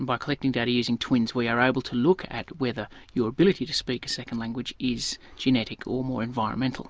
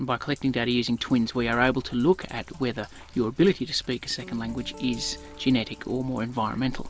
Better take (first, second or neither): first